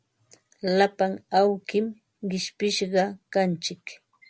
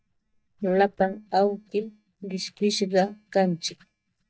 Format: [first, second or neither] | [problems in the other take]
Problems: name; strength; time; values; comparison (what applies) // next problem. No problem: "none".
first | noise reduction (neural mask model DeepFilterNet 3)